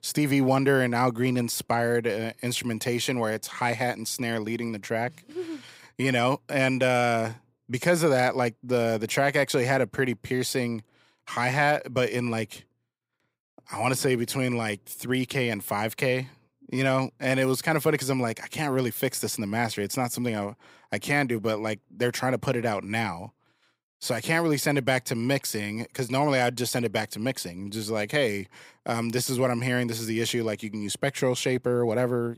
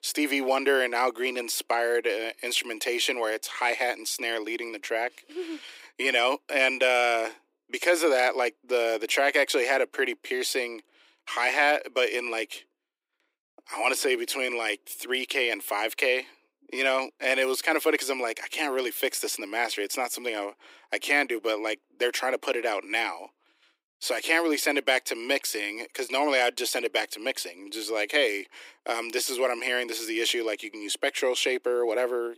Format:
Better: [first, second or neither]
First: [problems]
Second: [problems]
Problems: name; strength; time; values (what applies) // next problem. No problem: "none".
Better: first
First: none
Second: thin; somewhat; fading below 300 Hz